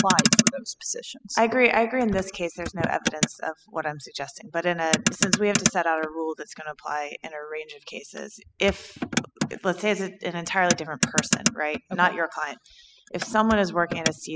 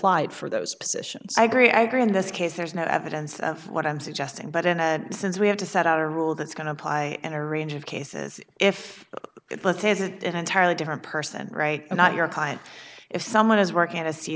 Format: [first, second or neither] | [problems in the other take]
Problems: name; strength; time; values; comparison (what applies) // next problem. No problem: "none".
second | noise reduction (classical method spectral subtraction)